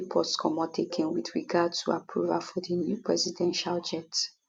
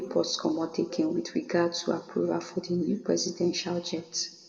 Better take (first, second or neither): first